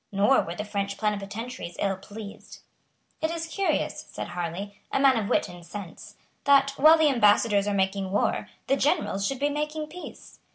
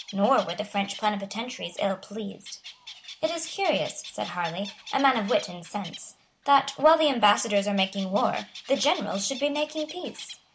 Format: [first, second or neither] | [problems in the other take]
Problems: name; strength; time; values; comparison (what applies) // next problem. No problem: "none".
first | background sound (Bird); 18 dB below the speech